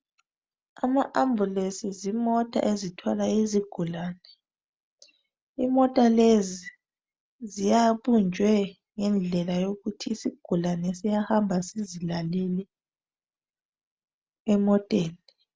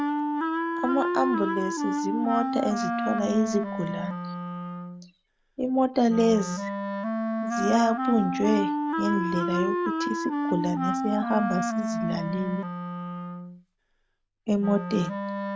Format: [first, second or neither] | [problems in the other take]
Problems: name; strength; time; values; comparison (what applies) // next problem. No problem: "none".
first | background sound (Wind instrument, woodwind instrument); 1 dB below the speech